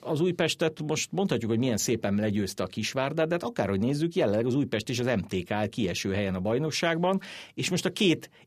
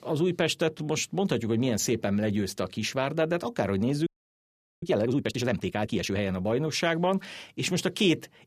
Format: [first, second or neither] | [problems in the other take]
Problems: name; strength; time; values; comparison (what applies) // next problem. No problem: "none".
first | audio freezing; at 4 s for 1 s